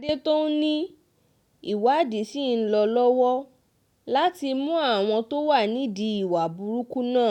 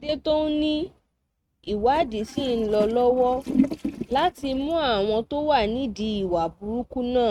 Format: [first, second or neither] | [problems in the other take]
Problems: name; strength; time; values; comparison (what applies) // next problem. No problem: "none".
first | noise reduction (neural mask model RNNoise)